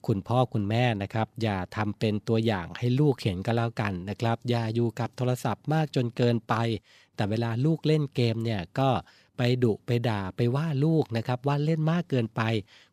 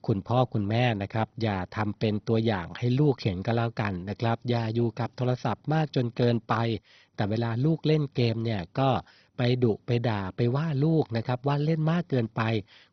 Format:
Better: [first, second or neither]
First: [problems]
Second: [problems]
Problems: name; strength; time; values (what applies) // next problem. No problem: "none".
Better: first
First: none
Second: garbled, watery; badly; nothing above 6 kHz